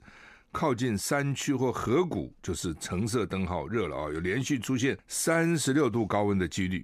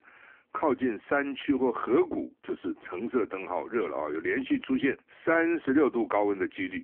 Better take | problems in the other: first | phone-call audio; poor line; nothing above 3 kHz

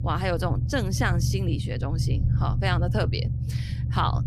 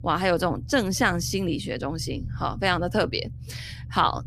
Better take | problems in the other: second | low rumble; loud; throughout; 10 dB below the speech; faint in the second

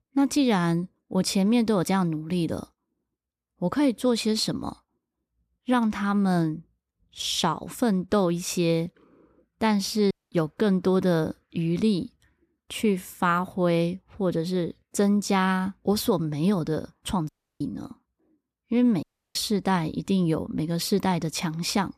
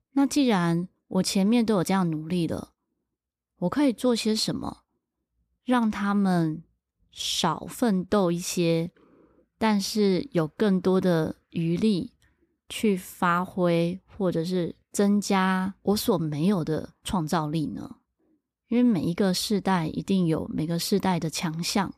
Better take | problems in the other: second | audio cutting out; at 10 s, at 17 s and at 19 s

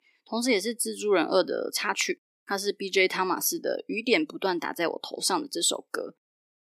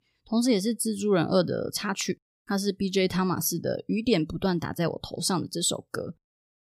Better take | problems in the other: second | thin; somewhat; fading below 300 Hz

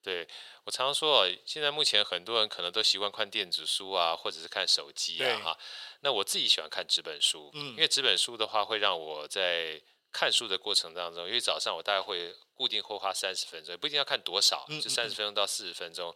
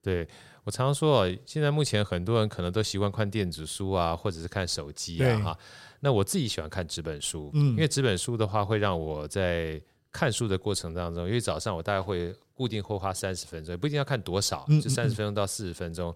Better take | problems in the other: second | thin; very; fading below 650 Hz

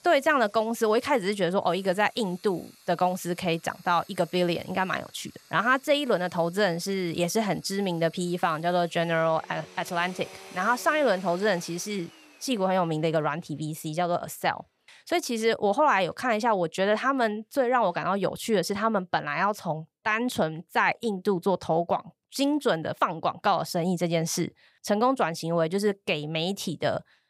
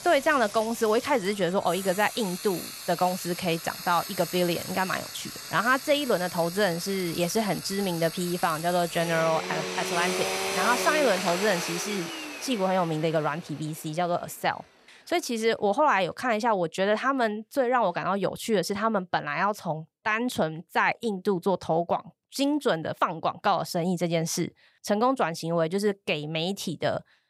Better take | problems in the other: first | household noises; loud; until 16 s; 7 dB below the speech; faint in the first

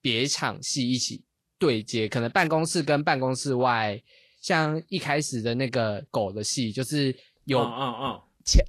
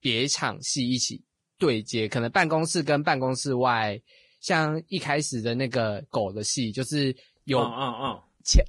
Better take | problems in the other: first | garbled, watery; badly; nothing above 10 kHz; slightly in the first

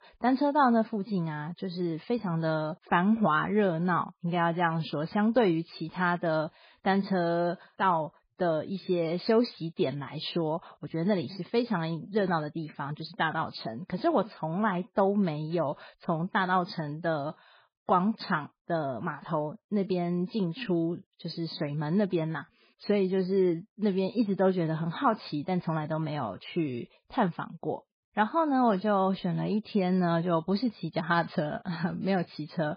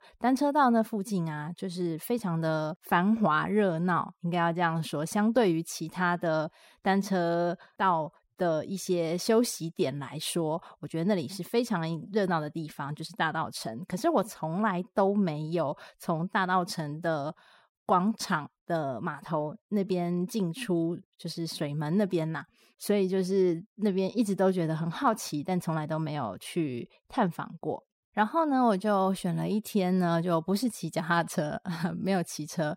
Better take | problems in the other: second | garbled, watery; badly; nothing above 4.5 kHz

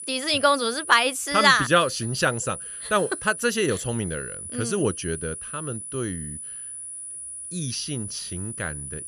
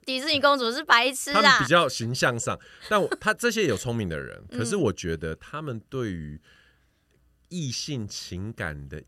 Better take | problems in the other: second | high-pitched whine; loud; throughout; 10 kHz, 10 dB below the speech

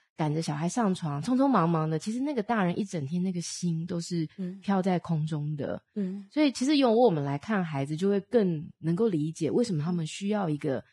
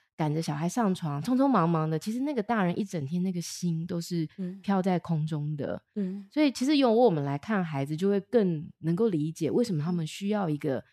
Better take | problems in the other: second | garbled, watery; badly; nothing above 10 kHz

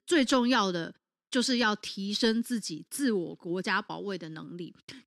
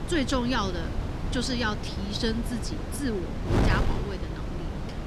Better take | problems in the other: first | wind noise on the microphone; heavy; 6 dB below the speech

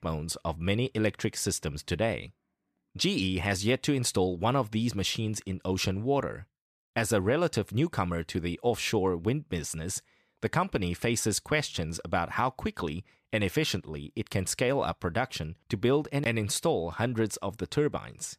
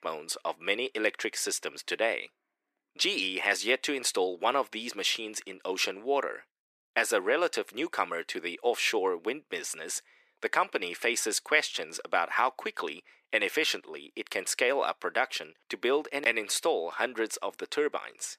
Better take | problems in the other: first | thin; very; fading below 350 Hz

